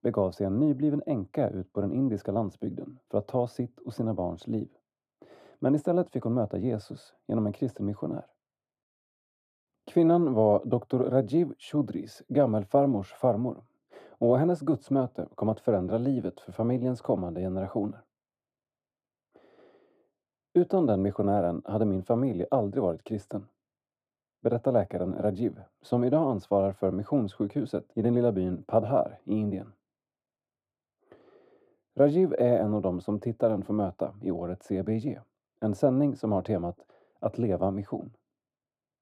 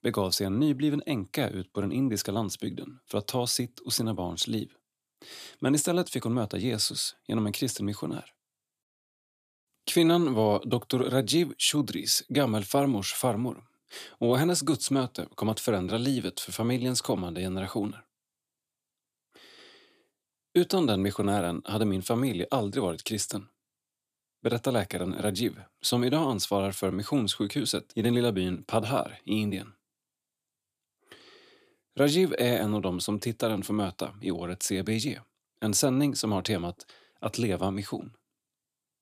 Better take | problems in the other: second | muffled; very; fading above 2 kHz

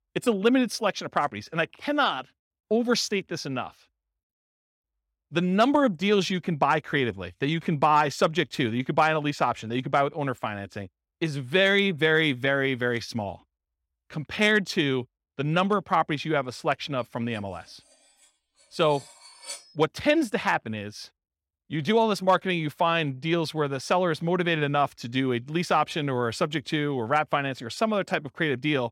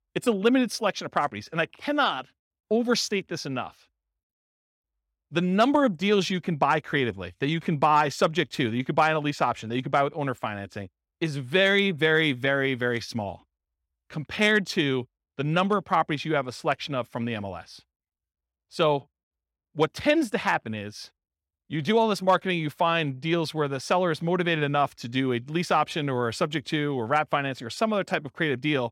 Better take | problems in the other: second | clattering dishes; faint; at 19 s; peak 15 dB below the speech

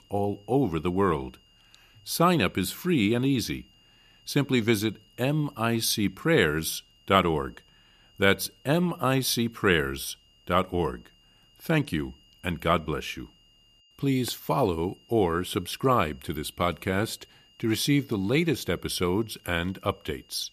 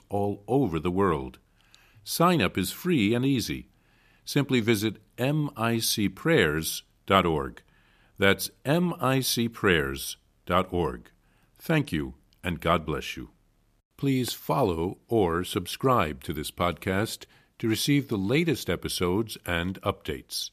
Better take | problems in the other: second | high-pitched whine; faint; throughout; 3 kHz, 30 dB below the speech

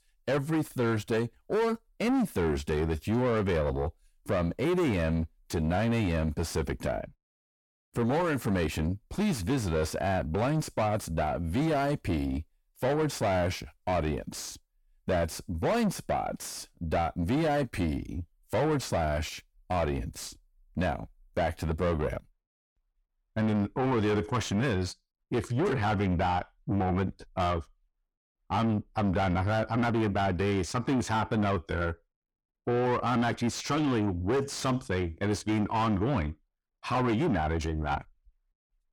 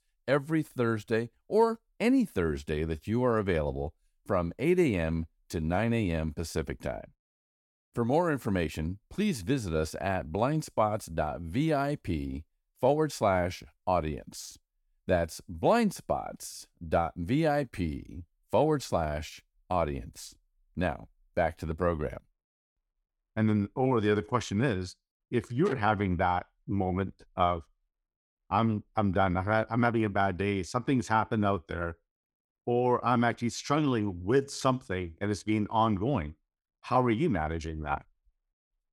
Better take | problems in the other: second | distortion; heavy; 6 dB below the speech

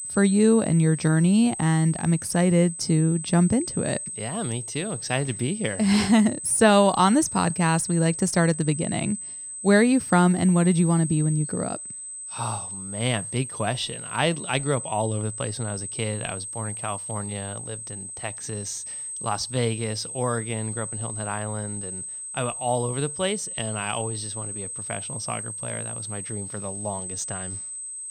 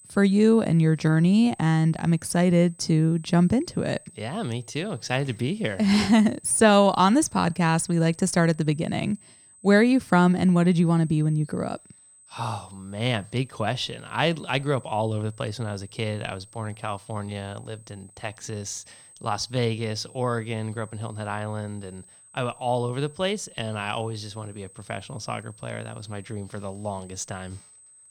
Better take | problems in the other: second | high-pitched whine; loud; throughout; 8 kHz, 8 dB below the speech; faint in the second

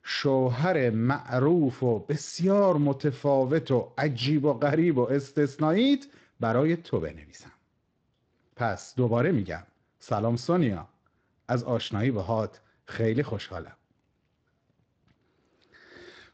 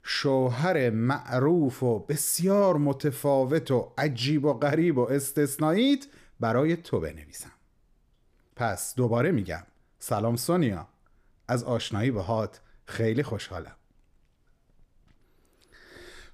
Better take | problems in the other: second | garbled, watery; slightly; nothing above 7.5 kHz

